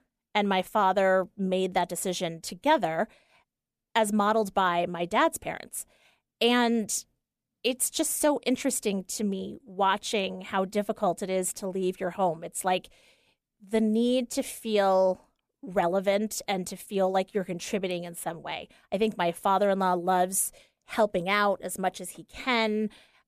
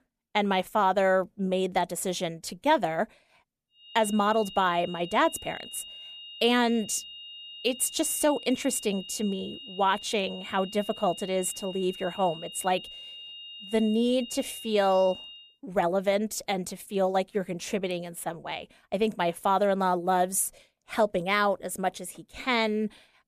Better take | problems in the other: first | high-pitched whine; noticeable; from 4 to 15 s; 3 kHz, 15 dB below the speech

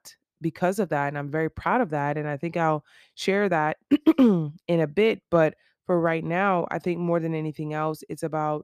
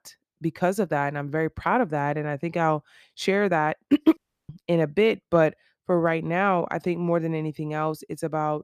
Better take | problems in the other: first | audio cutting out; at 4 s

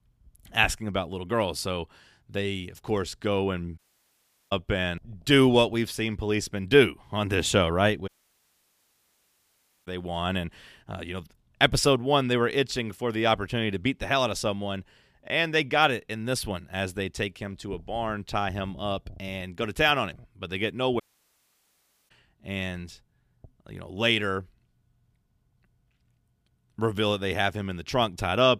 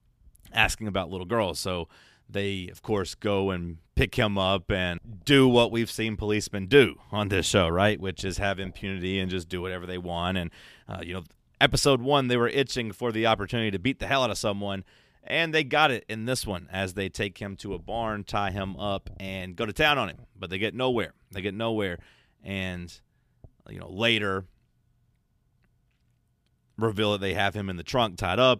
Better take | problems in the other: second | audio cutting out; at 4 s for 0.5 s, at 8 s for 2 s and at 21 s for 1 s

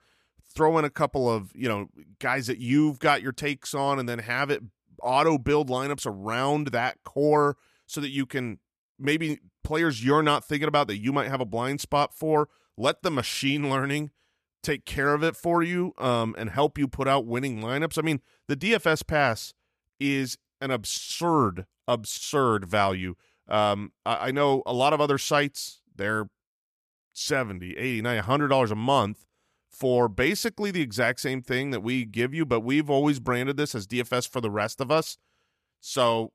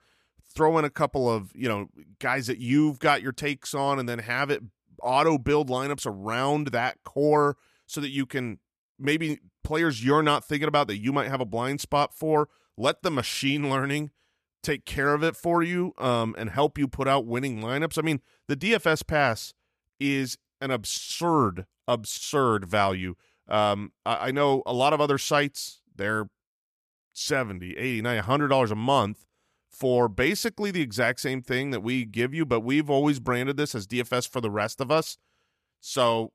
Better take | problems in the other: neither | none

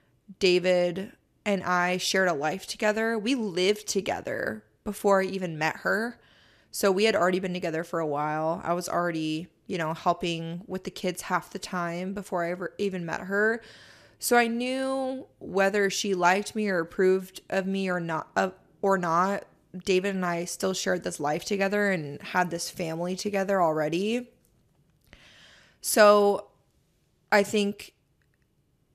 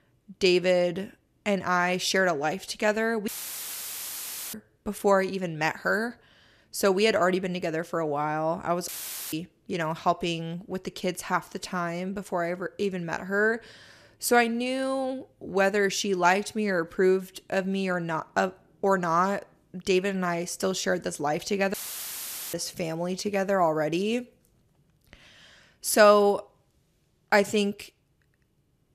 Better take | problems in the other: first | audio cutting out; filled with static; at 3.5 s for 1.5 s, at 9 s and at 22 s for 1 s

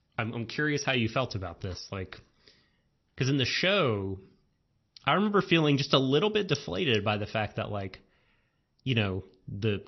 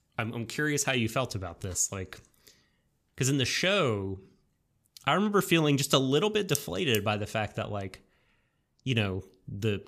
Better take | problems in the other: second | garbled, watery; slightly; nothing above 6 kHz

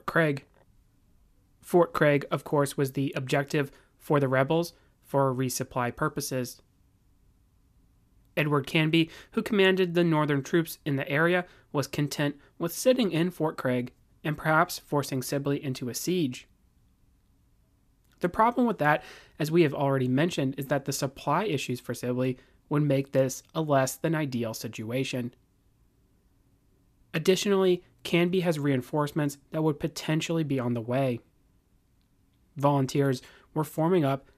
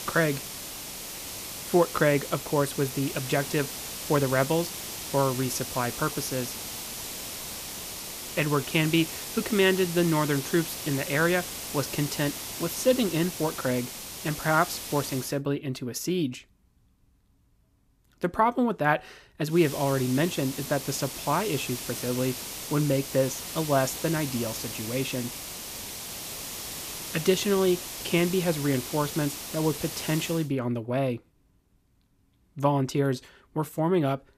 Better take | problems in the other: first | hiss; loud; until 15 s and from 20 to 30 s; 7 dB below the speech

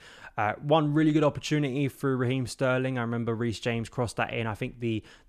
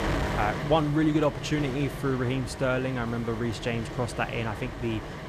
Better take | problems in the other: first | wind noise on the microphone; heavy; 7 dB below the speech

